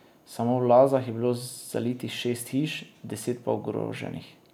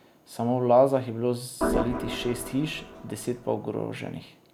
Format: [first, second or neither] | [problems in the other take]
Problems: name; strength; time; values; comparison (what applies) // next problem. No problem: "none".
first | background sound (Organ); 6 dB below the speech